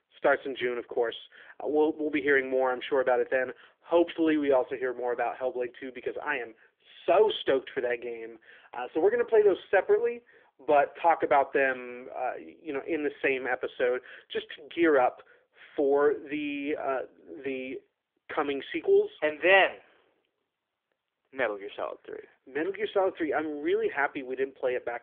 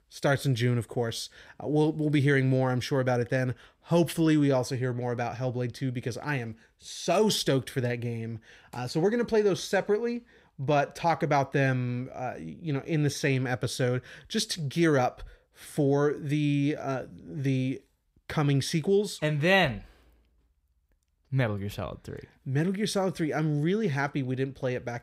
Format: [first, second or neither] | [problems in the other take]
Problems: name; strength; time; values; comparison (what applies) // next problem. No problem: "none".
second | phone-call audio; nothing above 3.5 kHz